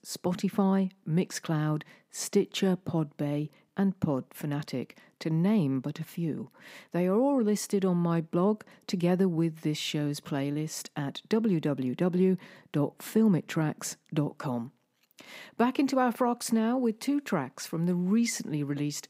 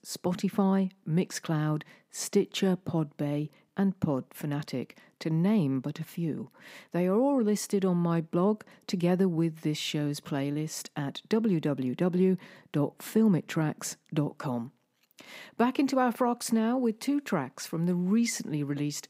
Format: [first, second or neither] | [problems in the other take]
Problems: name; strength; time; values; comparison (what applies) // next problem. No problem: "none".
neither | none